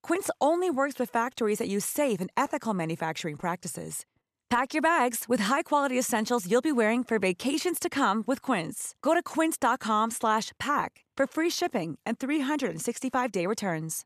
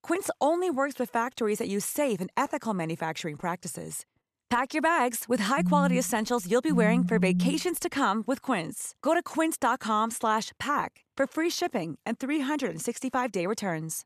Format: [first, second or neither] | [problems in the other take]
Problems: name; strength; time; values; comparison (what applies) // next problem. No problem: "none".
first | phone ringing; loud; from 5.5 to 7.5 s; peak 2 dB above the speech